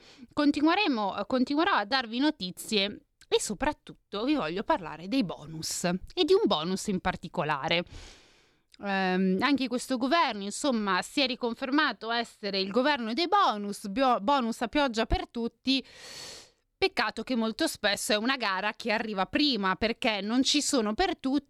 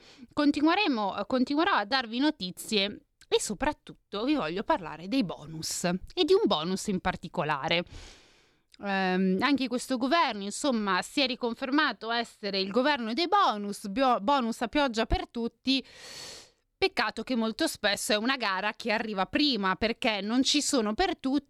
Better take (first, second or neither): neither